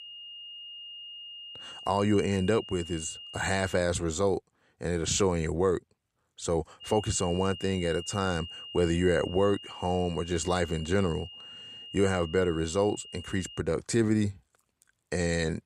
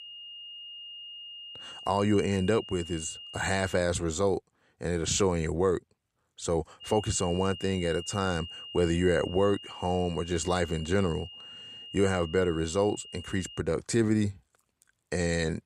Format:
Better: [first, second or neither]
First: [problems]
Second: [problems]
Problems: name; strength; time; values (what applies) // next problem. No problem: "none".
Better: neither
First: high-pitched whine; noticeable; until 4 s and from 7 to 14 s; 3 kHz, 15 dB below the speech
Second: high-pitched whine; noticeable; until 4 s and from 7 to 14 s; 3 kHz, 15 dB below the speech